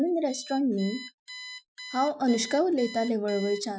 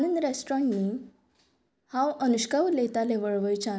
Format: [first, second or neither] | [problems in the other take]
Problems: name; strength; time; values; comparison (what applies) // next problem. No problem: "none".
second | noise reduction (classical method Wiener filter)